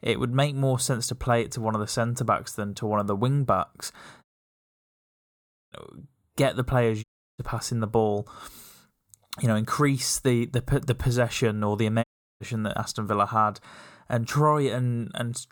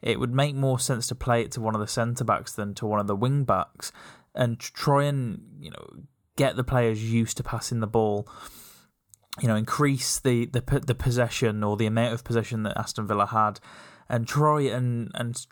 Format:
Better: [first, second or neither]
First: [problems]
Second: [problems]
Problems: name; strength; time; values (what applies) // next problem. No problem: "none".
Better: second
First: audio cutting out; at 4 s for 1.5 s, at 7 s and at 12 s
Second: none